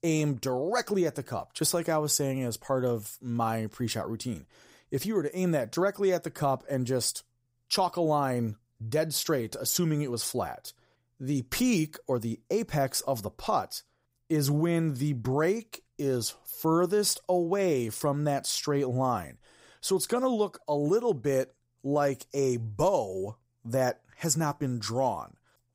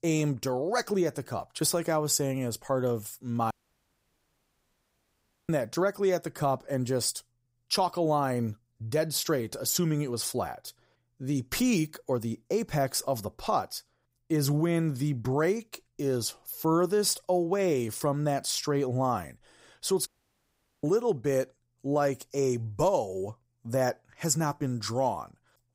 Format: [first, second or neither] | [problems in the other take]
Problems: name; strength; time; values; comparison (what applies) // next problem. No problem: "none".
first | audio cutting out; at 3.5 s for 2 s and at 20 s for 1 s